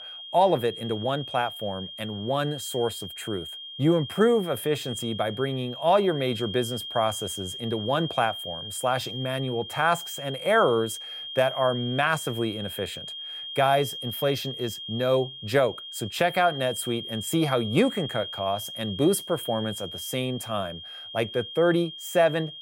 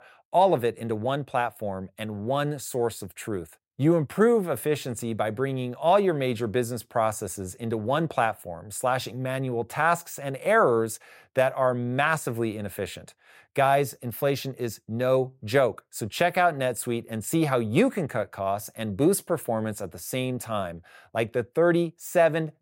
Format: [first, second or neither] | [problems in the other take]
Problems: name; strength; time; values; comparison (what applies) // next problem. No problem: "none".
second | high-pitched whine; loud; throughout; 3 kHz, 9 dB below the speech